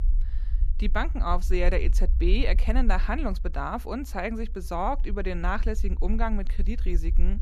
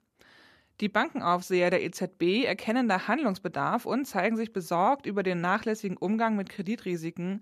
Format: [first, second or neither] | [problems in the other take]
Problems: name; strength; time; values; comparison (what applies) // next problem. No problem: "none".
second | low rumble; faint; throughout; 20 dB below the speech